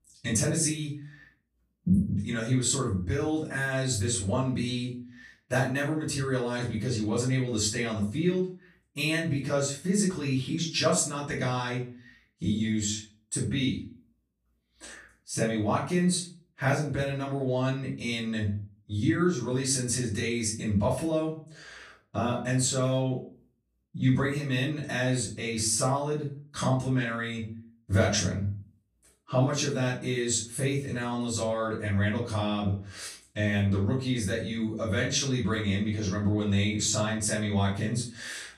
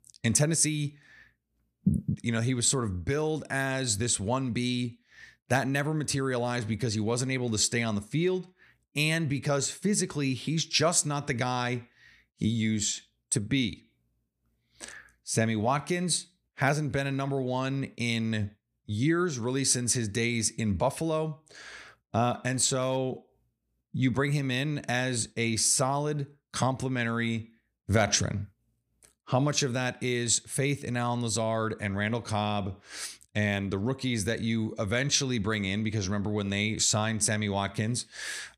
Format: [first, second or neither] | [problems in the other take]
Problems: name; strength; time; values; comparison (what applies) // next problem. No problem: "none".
second | room echo; slight; dies away in 0.3 s // off-mic speech; far